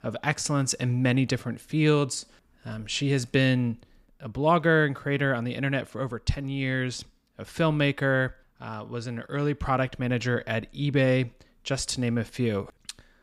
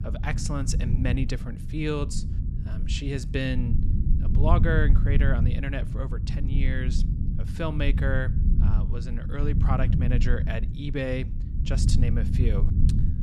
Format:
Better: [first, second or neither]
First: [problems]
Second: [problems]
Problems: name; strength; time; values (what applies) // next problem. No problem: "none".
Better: first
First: none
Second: low rumble; loud; throughout; 7 dB below the speech